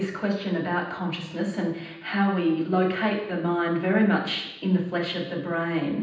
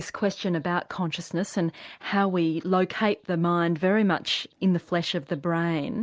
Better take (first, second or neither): second